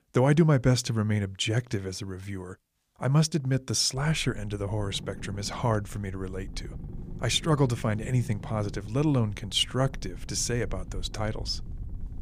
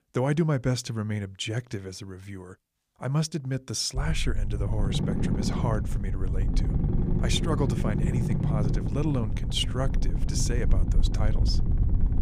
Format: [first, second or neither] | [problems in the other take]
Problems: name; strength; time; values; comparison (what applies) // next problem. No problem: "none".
first | low rumble; loud; from 4 s on; 5 dB below the speech; faint in the first